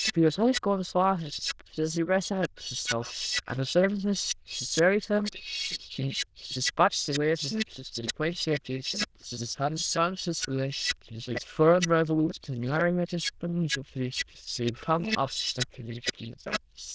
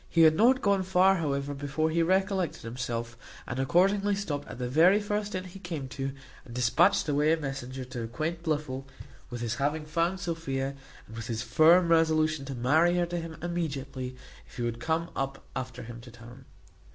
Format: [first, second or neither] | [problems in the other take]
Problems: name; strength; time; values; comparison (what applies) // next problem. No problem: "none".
second | noise reduction (neural diffusion model UNIVERSE++)